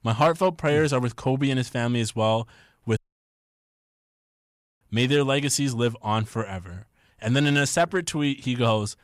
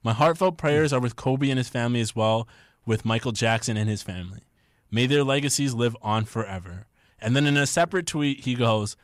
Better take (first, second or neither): second